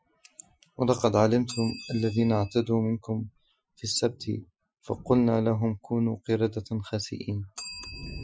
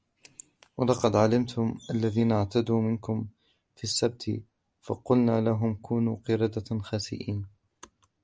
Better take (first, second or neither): second